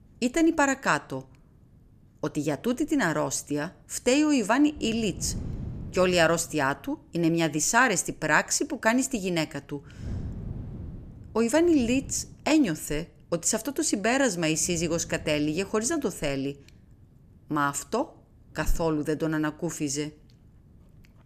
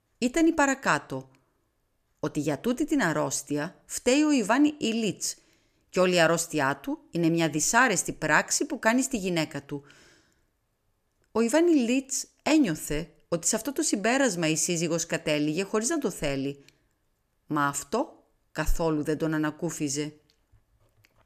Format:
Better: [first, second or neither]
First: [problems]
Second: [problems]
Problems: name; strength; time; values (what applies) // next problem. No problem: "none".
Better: second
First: wind noise on the microphone; occasional gusts; 25 dB below the speech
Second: none